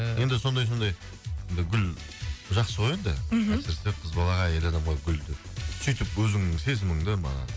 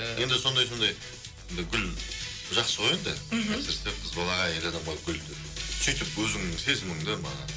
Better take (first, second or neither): first